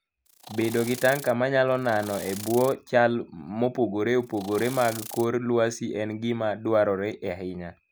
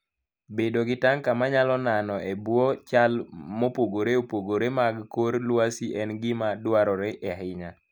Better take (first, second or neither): second